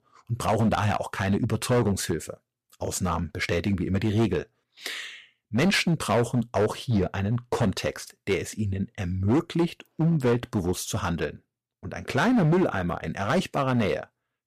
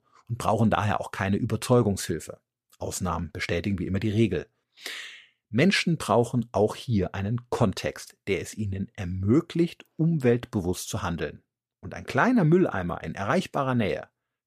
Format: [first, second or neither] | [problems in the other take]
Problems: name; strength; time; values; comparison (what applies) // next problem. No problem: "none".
second | distortion; slight; 7% of the sound clipped